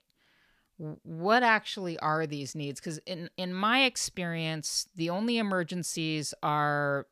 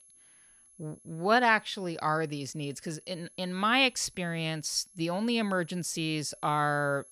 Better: first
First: none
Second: high-pitched whine; faint; throughout; 11 kHz, 25 dB below the speech

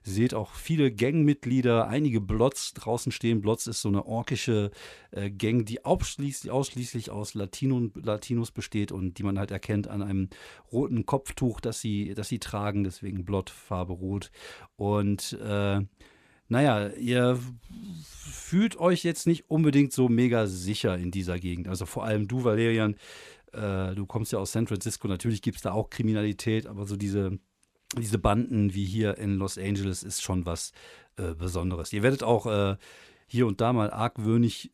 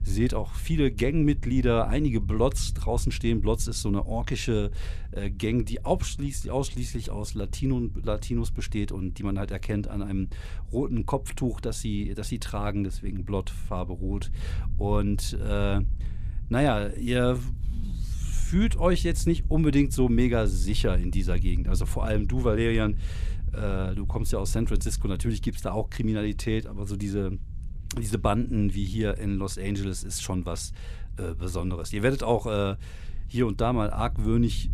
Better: first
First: none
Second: low rumble; faint; throughout; 20 dB below the speech

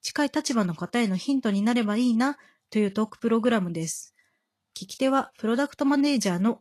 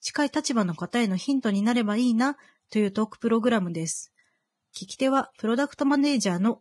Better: first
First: garbled, watery; slightly; nothing above 11.5 kHz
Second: garbled, watery; badly; nothing above 10.5 kHz

